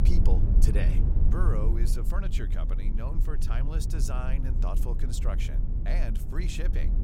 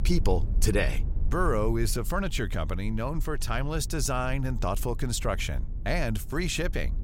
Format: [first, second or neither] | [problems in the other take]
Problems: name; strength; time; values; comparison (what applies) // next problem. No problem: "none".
second | low rumble; loud; throughout; 5 dB below the speech; faint in the second